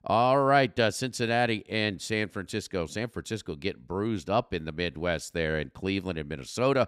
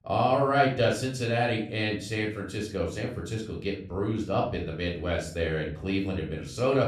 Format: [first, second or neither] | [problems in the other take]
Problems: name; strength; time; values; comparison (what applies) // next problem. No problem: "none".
first | off-mic speech; far // room echo; slight; dies away in 0.5 s